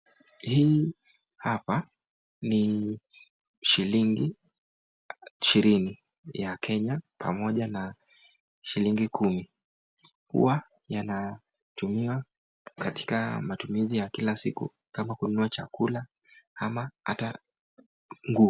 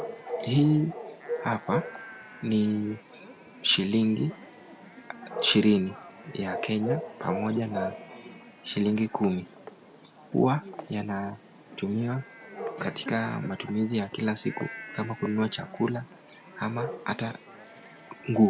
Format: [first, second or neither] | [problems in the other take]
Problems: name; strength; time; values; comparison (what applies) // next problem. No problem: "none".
first | background sound (Bark / Chatter / Chirp, tweet / Livestock, farm animals, working animals); 11 dB below the speech